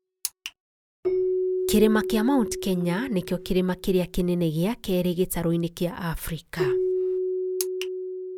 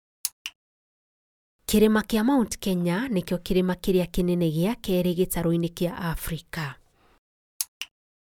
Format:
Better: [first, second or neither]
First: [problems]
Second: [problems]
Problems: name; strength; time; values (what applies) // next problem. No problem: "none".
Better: second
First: background sound (Keyboard (musical)); 4 dB below the speech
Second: none